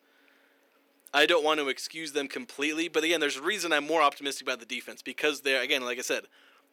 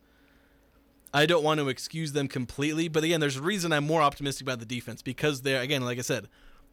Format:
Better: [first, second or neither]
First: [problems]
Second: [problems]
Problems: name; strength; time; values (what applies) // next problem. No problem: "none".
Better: second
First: thin; somewhat; fading below 300 Hz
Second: none